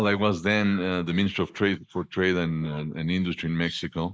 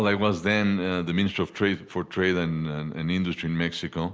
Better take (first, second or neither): second